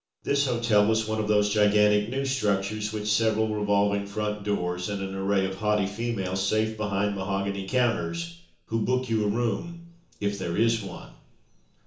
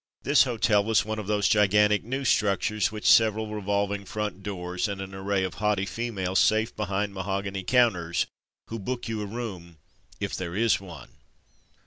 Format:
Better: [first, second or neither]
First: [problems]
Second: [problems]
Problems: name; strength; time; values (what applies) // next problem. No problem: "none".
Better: second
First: room echo; dies away in 0.8 s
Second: none